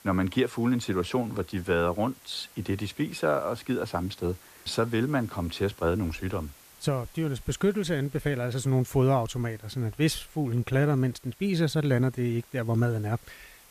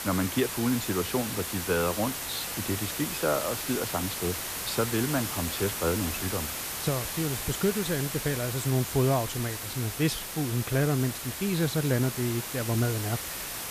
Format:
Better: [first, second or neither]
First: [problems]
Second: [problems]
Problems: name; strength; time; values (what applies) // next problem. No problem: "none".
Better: first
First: hiss; faint; throughout; 25 dB below the speech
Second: hiss; loud; throughout; 3 dB below the speech